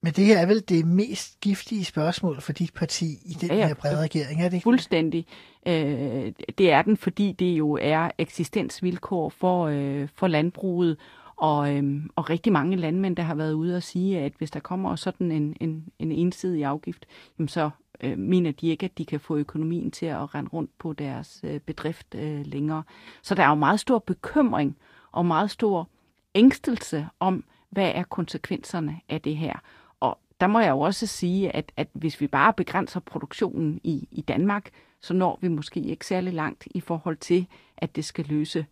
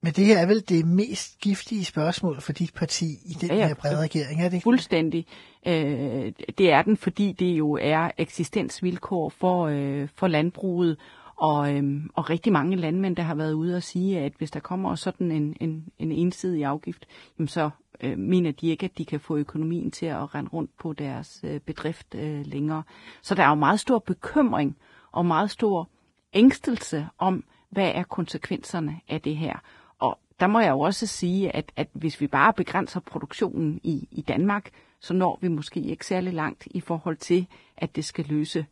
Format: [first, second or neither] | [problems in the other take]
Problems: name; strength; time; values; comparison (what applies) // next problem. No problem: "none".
first | garbled, watery; badly; nothing above 10.5 kHz; slightly in the first